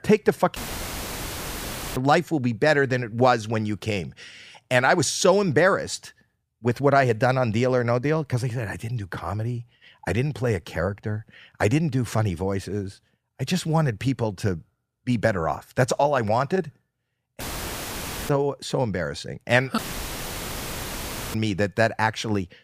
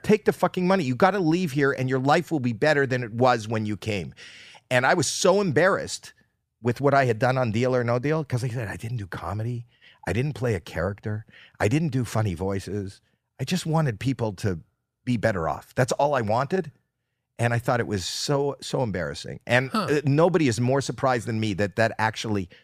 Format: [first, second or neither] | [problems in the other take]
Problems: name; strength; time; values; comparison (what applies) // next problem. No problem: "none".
second | audio cutting out; filled with static; at 0.5 s for 1.5 s, at 17 s for 1 s and at 20 s for 1.5 s